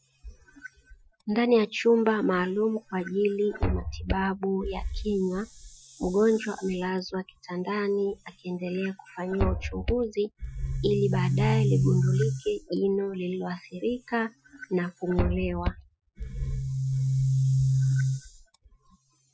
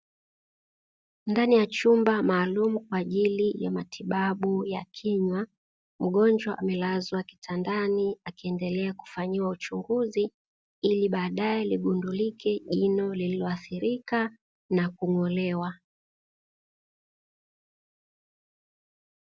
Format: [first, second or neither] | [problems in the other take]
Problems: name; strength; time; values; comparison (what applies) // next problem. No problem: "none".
second | noise reduction (classical method Wiener filter)